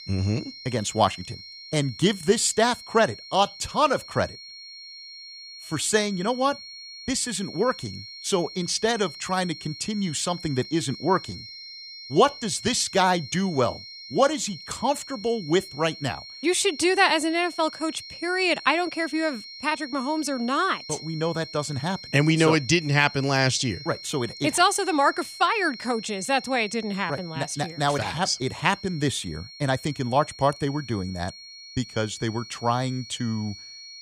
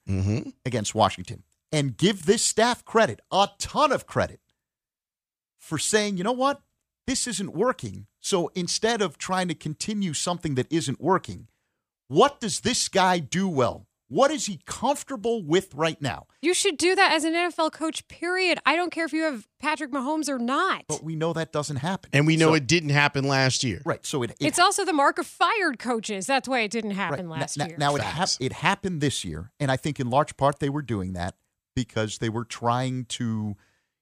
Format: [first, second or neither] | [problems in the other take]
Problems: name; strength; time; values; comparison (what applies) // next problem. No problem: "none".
second | high-pitched whine; noticeable; throughout; 4 kHz, 15 dB below the speech